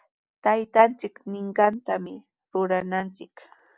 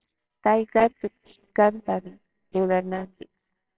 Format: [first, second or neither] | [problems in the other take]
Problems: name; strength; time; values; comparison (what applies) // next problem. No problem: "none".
first | noise reduction (neural separator model SepFormer WHAMR!)